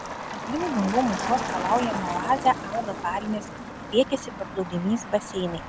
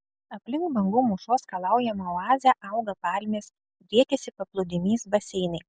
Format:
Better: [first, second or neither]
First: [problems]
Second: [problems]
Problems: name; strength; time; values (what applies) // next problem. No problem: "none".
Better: second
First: background sound (Motor vehicle (road)); 6 dB below the speech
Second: none